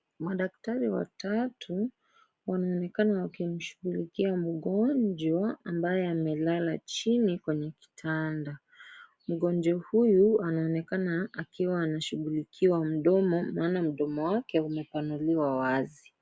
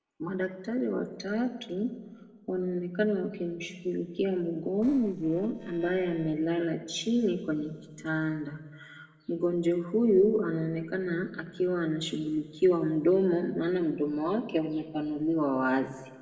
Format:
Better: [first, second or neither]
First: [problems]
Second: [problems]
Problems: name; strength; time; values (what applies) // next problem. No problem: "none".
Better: first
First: none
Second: noise reduction (neural separator model SepFormer DNS4)